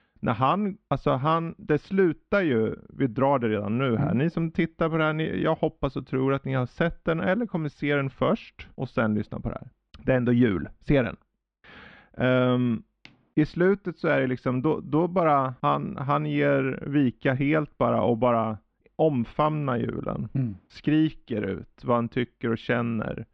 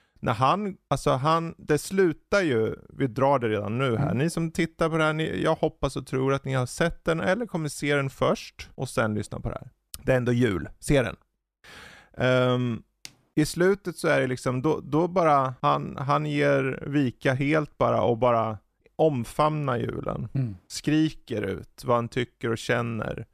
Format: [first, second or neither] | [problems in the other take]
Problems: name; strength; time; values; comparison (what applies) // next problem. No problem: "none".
second | muffled; slightly; fading above 3.5 kHz